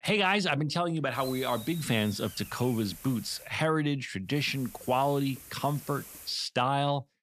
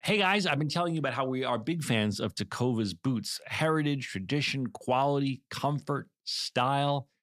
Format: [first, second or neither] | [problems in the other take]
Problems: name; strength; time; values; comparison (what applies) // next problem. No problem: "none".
second | hiss; noticeable; from 1 to 3.5 s and from 4.5 to 6.5 s; 15 dB below the speech